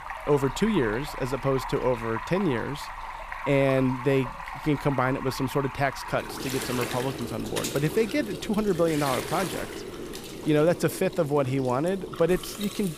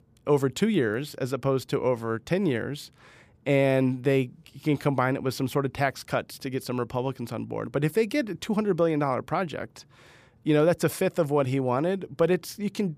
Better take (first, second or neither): second